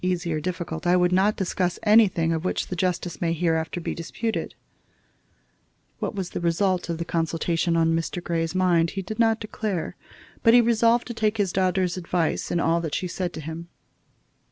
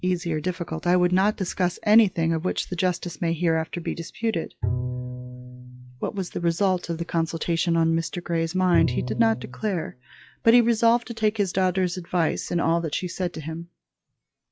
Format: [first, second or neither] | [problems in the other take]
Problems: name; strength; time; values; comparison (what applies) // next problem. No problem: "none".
first | noise reduction (classical method log-MMSE)